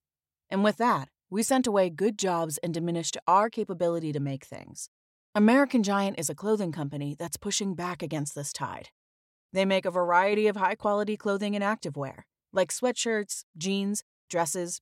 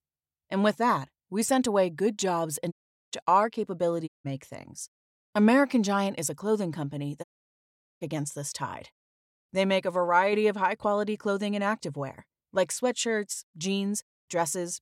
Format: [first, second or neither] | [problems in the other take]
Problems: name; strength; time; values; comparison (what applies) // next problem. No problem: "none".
first | audio cutting out; at 2.5 s, at 4 s and at 7 s for 1 s